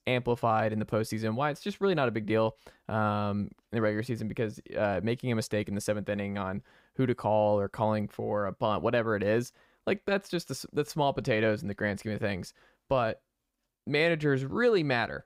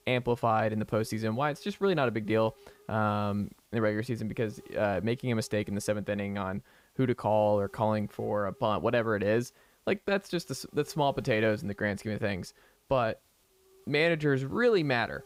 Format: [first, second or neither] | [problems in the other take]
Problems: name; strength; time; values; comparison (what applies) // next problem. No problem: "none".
first | hiss; faint; throughout; 30 dB below the speech